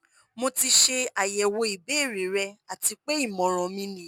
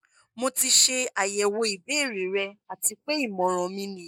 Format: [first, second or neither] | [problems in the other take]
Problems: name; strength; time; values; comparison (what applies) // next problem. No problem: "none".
first | noise reduction (neural mask model Resemble Enhance denoiser)